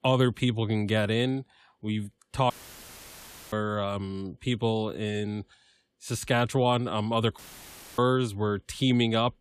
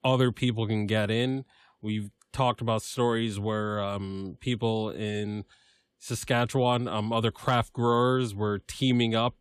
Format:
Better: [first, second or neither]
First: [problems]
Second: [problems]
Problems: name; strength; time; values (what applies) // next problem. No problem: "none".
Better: second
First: audio cutting out; filled with static; at 2.5 s for 1 s and at 7.5 s for 0.5 s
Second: none